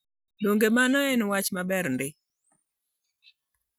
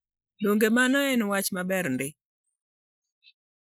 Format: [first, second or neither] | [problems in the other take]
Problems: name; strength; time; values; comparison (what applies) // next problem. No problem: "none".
first | noise reduction (neural mask model Resemble Enhance denoiser)